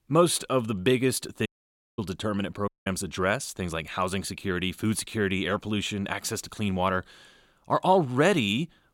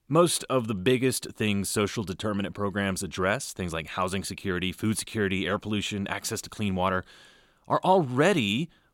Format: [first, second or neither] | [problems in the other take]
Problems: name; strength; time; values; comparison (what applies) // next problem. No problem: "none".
second | audio cutting out; at 1.5 s for 0.5 s and at 2.5 s